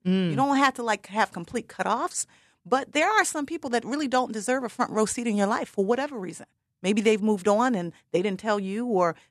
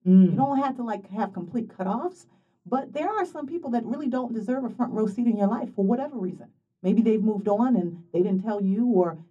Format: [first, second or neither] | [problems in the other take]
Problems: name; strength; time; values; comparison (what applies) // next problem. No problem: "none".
first | room echo; very slight; dies away in 0.4 s // off-mic speech; far